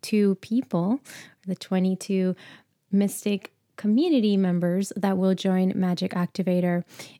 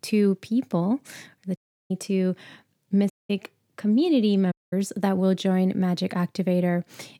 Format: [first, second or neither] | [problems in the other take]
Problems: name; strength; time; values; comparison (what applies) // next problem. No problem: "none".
first | audio cutting out; at 1.5 s, at 3 s and at 4.5 s